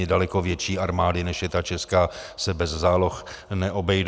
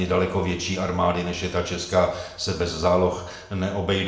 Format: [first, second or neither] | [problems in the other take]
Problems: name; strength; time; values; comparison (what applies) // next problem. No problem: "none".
first | room echo; dies away in 0.7 s